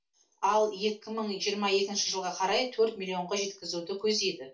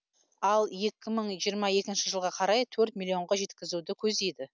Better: second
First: room echo; dies away in 0.3 s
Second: none

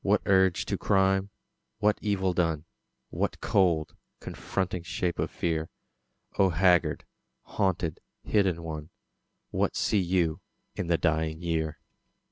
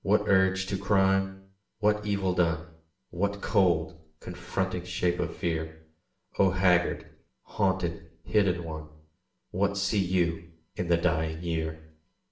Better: first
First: none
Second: room echo; dies away in 0.6 s

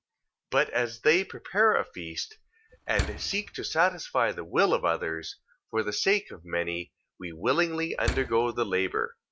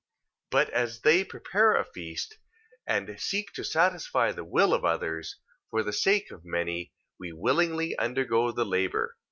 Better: second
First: background sound (Slam); 8 dB below the speech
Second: none

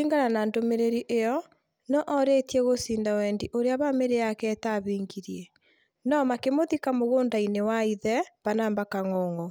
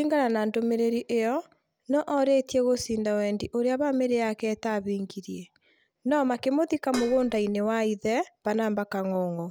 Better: first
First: none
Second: background sound (Dishes, pots, and pans); 12 dB below the speech

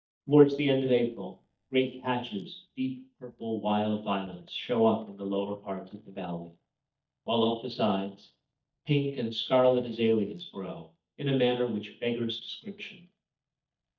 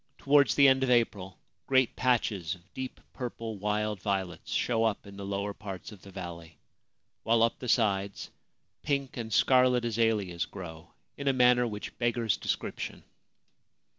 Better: second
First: noise reduction (neural mask model DeepFilterNet 3)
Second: none

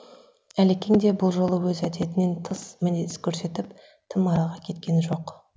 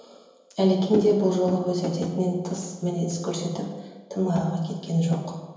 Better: first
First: none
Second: room echo; dies away in 1 s

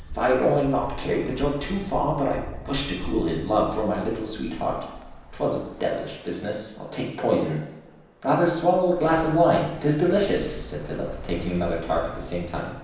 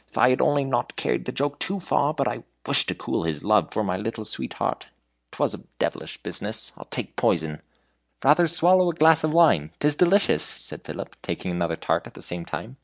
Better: second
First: background sound (Traffic noise, roadway noise / Bus); 13 dB below the speech // room echo; dies away in 0.9 s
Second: none

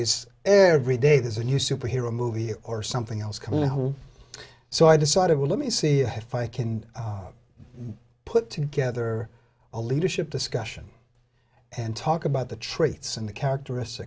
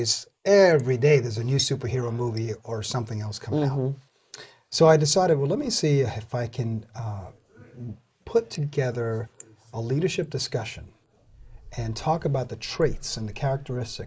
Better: first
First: none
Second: noise reduction (neural mask model Resemble Enhance denoiser)

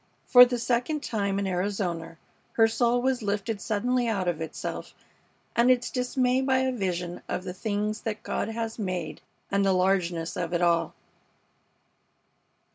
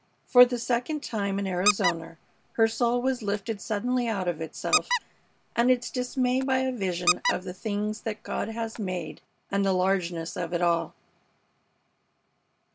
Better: first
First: none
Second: background sound (Squeak); 5 dB below the speech

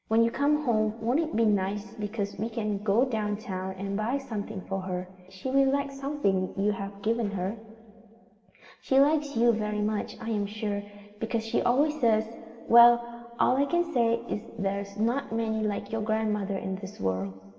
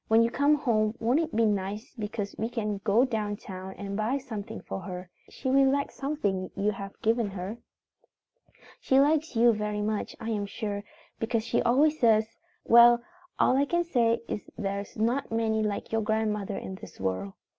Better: second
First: room echo; dies away in 2 s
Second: none

